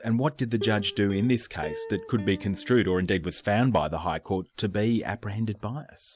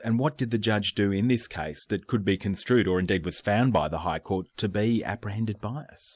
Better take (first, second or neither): second